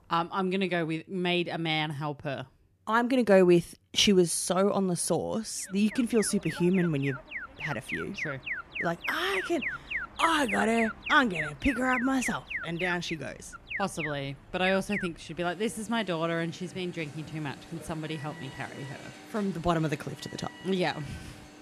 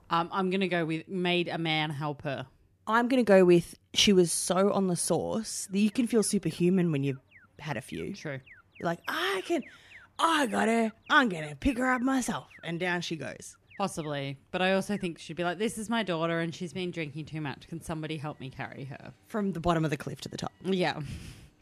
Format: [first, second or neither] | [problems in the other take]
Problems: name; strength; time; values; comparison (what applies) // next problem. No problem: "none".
second | alarms or sirens; loud; from 6 s on; 8 dB below the speech; faint in the second